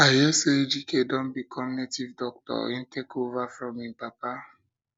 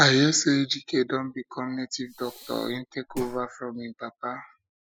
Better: first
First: none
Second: noise reduction (classical method spectral subtraction)

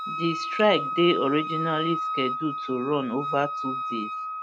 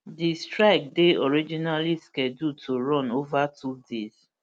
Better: second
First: background sound (Wind instrument, woodwind instrument); 4 dB below the speech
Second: none

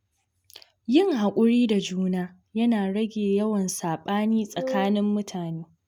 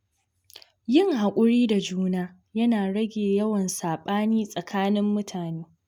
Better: second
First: background sound (Wind instrument, woodwind instrument); 7 dB below the speech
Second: none

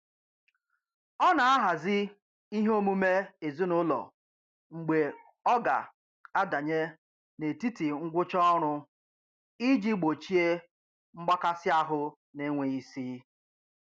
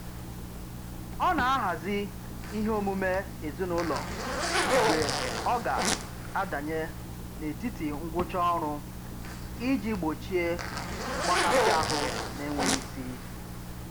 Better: first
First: none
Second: background sound (Zipper (clothing)); as loud as the speech

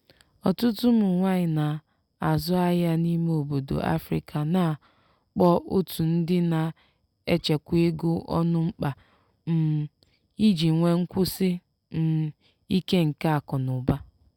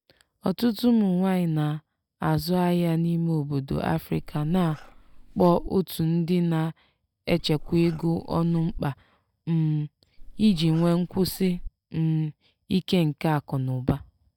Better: first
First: none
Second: noise reduction (neural mask model DeepFilterNet 3)

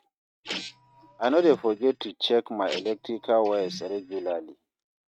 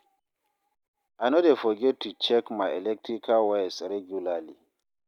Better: second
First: noise reduction (neural mask model RNNoise)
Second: none

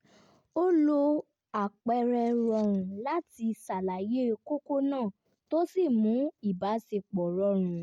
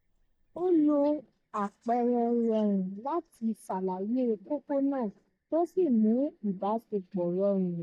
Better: first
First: none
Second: noise reduction (neural mask model DeepFilterNet 3)

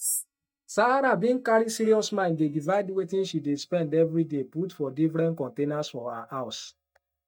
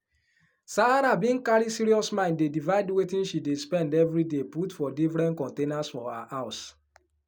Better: second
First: noise reduction (neural mask model DeepFilterNet 3)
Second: none

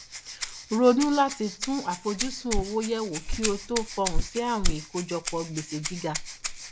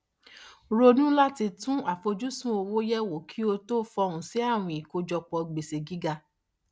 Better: second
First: background sound (Walk, footsteps + Rattle (instrument)); 3 dB below the speech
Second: none

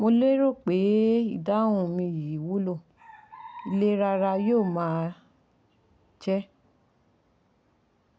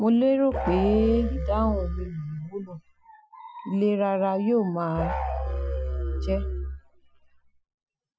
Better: first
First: none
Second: noise reduction (classical method Wiener filter)

